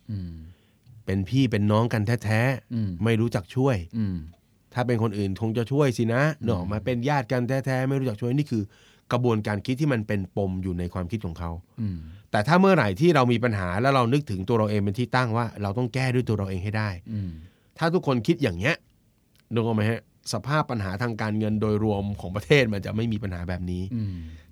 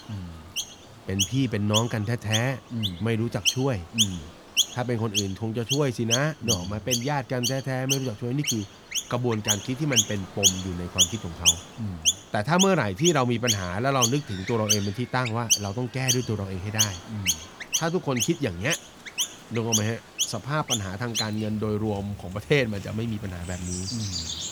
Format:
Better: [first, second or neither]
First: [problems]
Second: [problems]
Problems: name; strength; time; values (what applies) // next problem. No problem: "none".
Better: first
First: none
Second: animal sounds; very loud; throughout; 1 dB above the speech